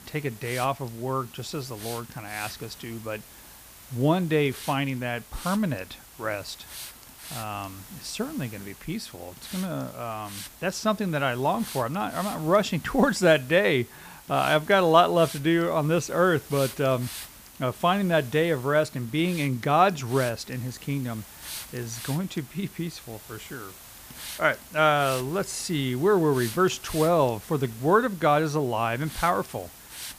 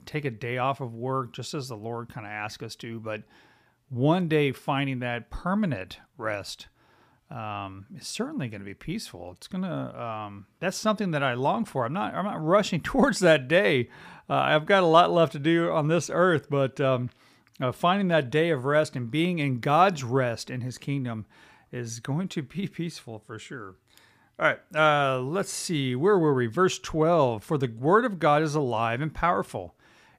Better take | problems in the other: second | hiss; noticeable; throughout; 15 dB below the speech

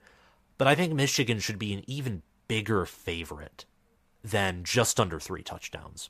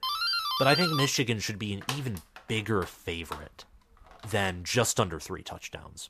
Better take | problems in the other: first | doorbell; loud; until 4.5 s; peak 3 dB above the speech

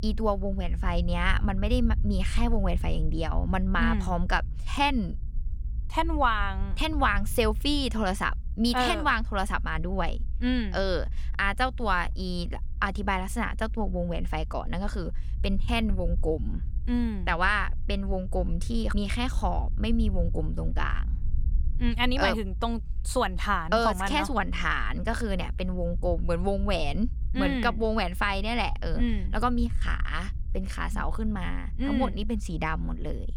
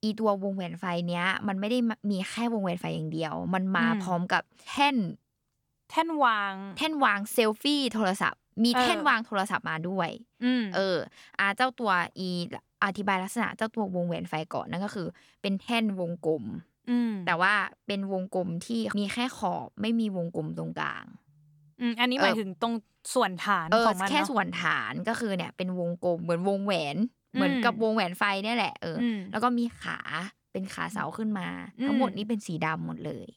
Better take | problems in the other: second | low rumble; faint; throughout; 25 dB below the speech

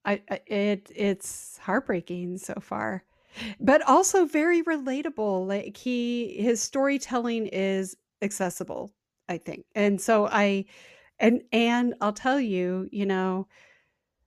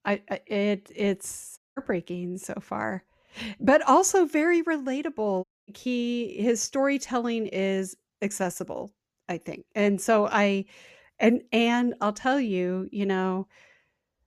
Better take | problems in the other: first | audio cutting out; at 1.5 s and at 5.5 s

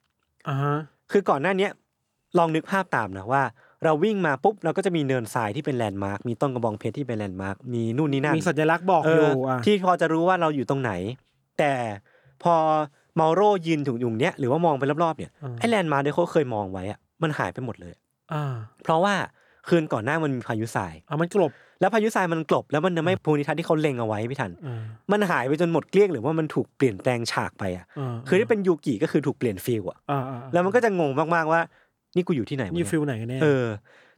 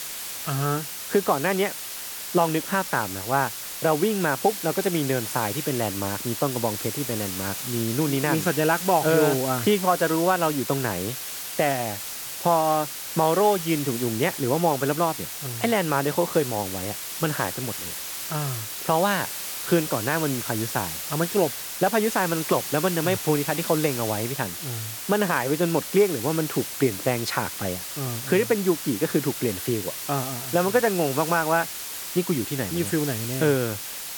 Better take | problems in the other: first | hiss; loud; throughout; 6 dB below the speech

